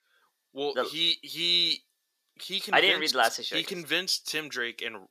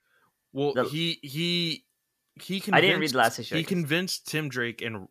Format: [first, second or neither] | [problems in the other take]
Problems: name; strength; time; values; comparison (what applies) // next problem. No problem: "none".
second | thin; somewhat; fading below 400 Hz